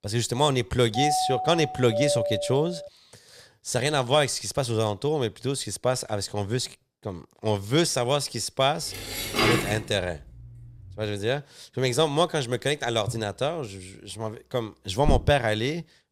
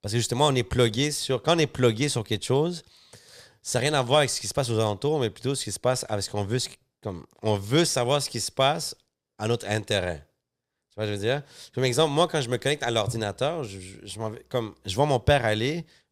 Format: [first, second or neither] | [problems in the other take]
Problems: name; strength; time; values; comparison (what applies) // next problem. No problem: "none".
second | doorbell; loud; from 1 to 3 s; peak 1 dB above the speech // clattering dishes; loud; at 9 s; peak 3 dB above the speech // footsteps; noticeable; at 15 s; peak 3 dB below the speech